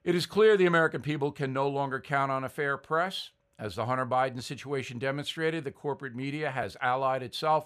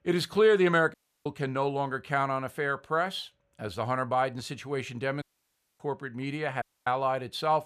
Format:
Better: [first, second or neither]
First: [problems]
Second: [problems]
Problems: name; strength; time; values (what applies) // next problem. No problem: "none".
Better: first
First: none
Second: audio cutting out; at 1 s, at 5 s for 0.5 s and at 6.5 s